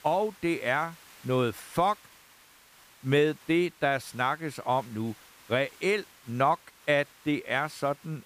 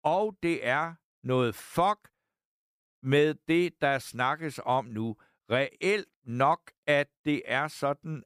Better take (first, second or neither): second